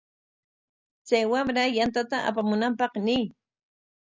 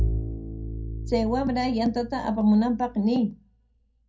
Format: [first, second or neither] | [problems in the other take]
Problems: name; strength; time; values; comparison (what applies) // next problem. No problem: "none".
first | background sound (Bowed string instrument); 7 dB below the speech // room echo; dies away in 0.2 s